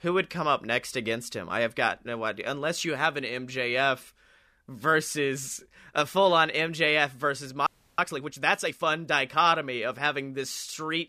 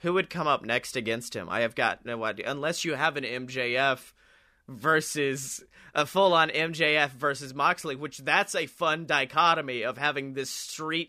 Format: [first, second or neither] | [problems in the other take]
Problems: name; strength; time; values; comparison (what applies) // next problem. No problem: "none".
second | audio freezing; at 7.5 s